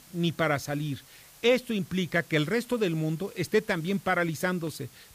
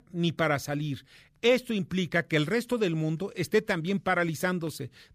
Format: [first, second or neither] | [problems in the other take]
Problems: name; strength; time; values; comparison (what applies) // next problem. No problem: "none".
second | hiss; faint; throughout; 25 dB below the speech